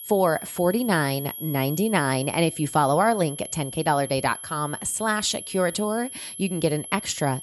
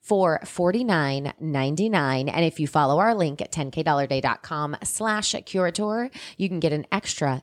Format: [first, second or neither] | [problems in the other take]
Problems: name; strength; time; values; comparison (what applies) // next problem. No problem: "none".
second | high-pitched whine; noticeable; throughout; 11 kHz, 10 dB below the speech